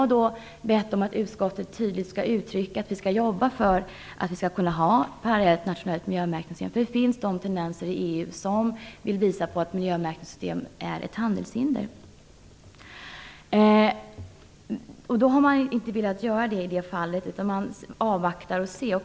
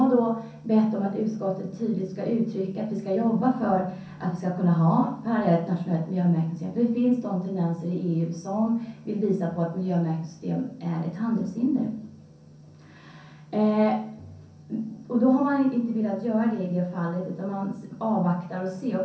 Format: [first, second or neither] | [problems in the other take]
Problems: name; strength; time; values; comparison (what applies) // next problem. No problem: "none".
first | room echo; dies away in 0.6 s